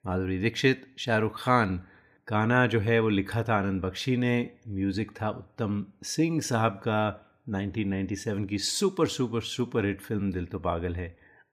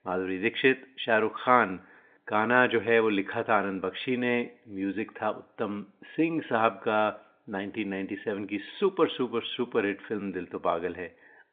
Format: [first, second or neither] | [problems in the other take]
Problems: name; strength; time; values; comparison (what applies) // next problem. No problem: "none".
first | phone-call audio; nothing above 3.5 kHz